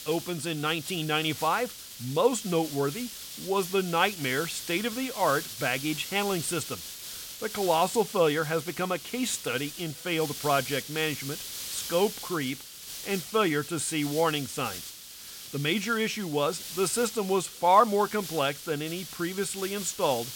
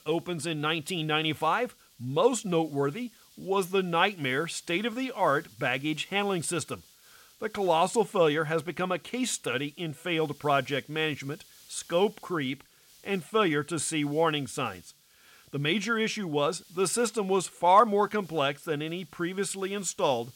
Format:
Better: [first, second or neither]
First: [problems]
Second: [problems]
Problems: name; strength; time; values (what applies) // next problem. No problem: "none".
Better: second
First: hiss; loud; throughout; 9 dB below the speech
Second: hiss; faint; throughout; 25 dB below the speech